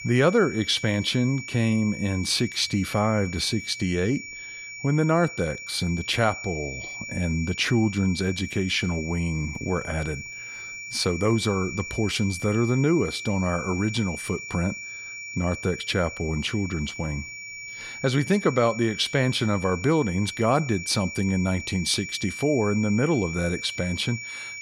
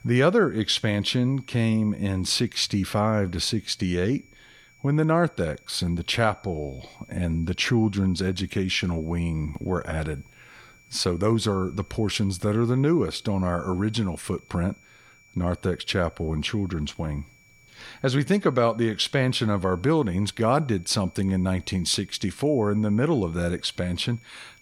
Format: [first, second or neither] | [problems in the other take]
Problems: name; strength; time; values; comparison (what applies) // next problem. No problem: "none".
second | high-pitched whine; loud; throughout; 2.5 kHz, 9 dB below the speech; faint in the second